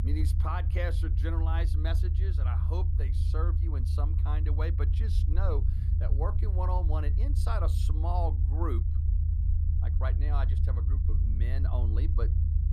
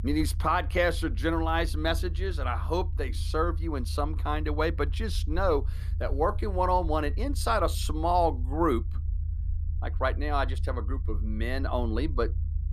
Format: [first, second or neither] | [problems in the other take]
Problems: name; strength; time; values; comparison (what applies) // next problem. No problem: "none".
second | low rumble; loud; throughout; 6 dB below the speech; faint in the second